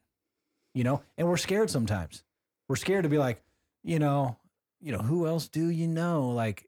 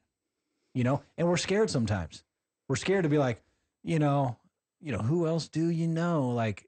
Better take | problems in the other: first | garbled, watery; slightly; nothing above 8.5 kHz

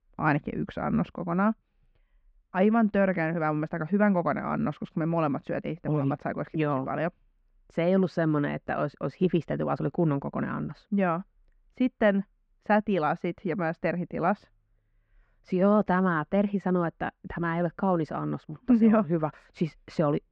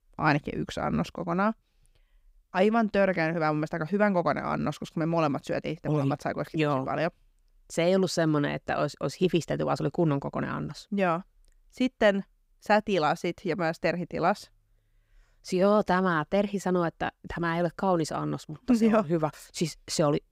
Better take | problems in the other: second | muffled; very; fading above 2 kHz

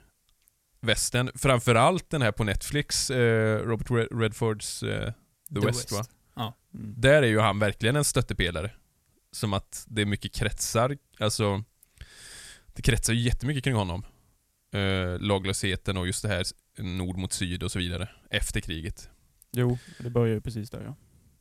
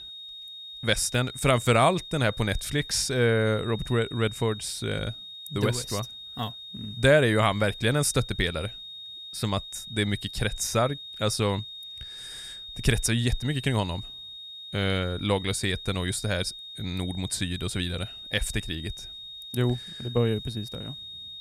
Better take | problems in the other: first | high-pitched whine; noticeable; throughout; 3.5 kHz, 10 dB below the speech

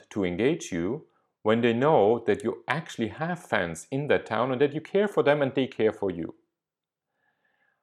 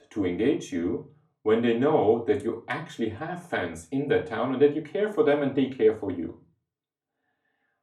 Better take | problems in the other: first | off-mic speech; far // room echo; very slight; dies away in 0.3 s

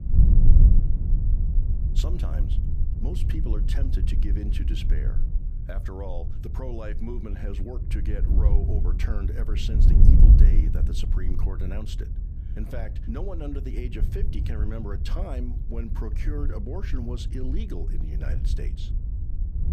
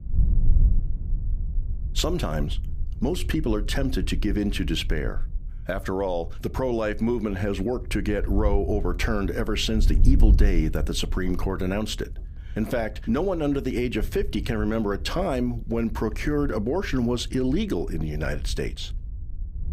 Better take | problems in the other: second | wind noise on the microphone; heavy; 3 dB below the speech; occasional gusts in the second

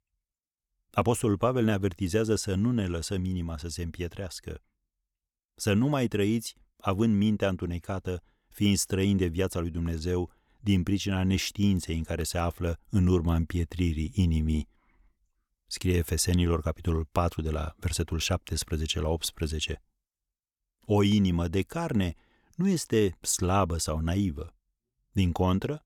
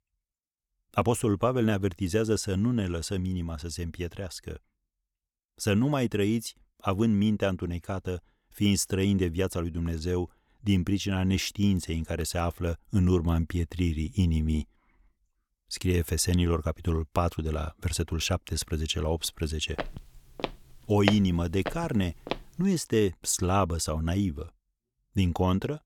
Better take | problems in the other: first | footsteps; noticeable; from 20 to 22 s; peak 3 dB below the speech

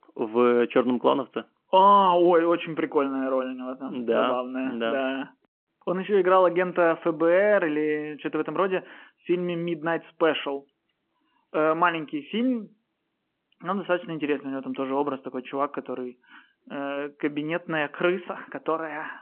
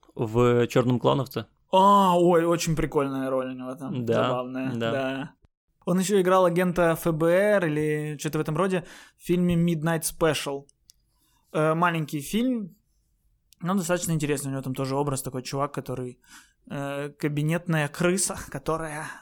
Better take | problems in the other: second | phone-call audio

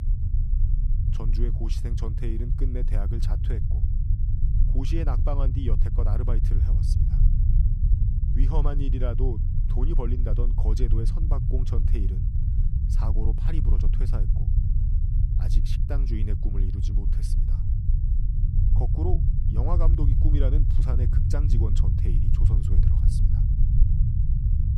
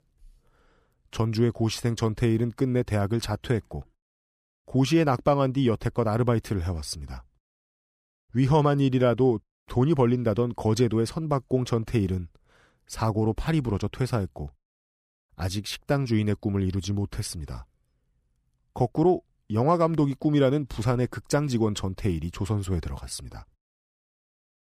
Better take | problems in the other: second | low rumble; loud; throughout; 3 dB below the speech

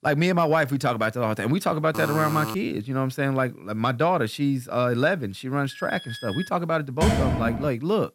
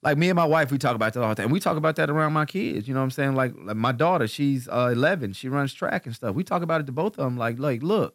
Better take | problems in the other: second | alarm; noticeable; at 2 s; peak 6 dB below the speech // alarm; faint; at 5.5 s; peak 10 dB below the speech // door banging; loud; at 7 s; peak 2 dB above the speech

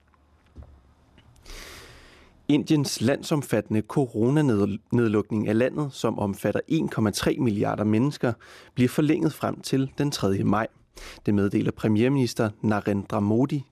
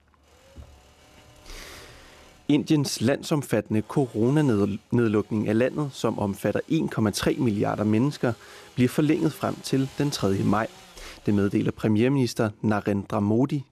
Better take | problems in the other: first | machinery noise; faint; throughout; 25 dB below the speech

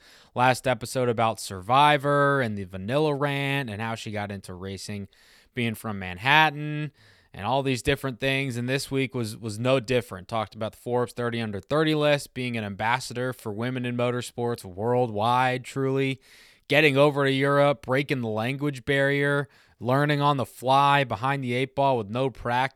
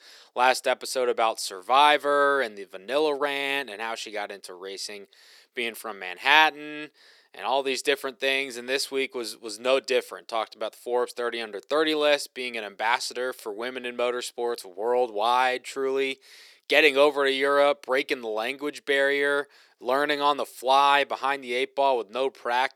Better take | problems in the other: first | thin; somewhat; fading below 350 Hz

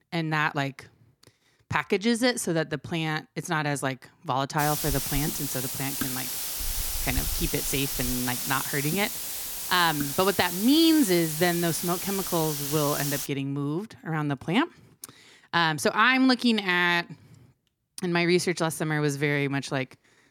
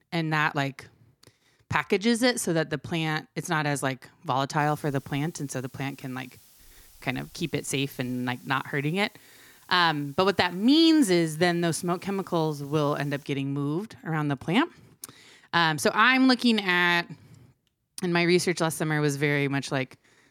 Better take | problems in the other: second | hiss; loud; from 4.5 to 13 s; 3 dB below the speech; faint in the second

